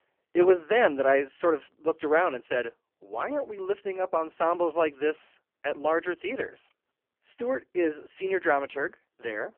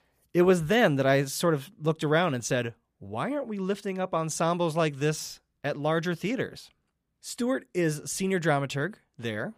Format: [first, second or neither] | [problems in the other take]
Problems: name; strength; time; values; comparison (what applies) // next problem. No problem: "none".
second | phone-call audio; poor line; nothing above 3 kHz